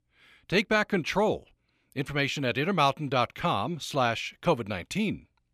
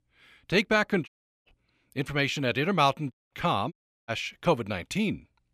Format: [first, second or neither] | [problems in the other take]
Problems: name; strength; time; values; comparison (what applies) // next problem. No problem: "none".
first | audio cutting out; at 1 s, at 3 s and at 3.5 s